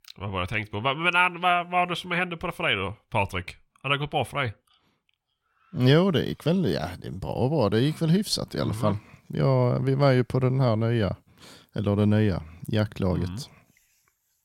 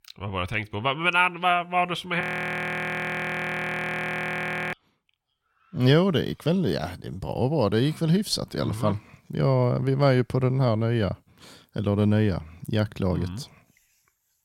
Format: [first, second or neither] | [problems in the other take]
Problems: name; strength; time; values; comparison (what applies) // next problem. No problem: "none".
first | audio freezing; at 2 s for 2.5 s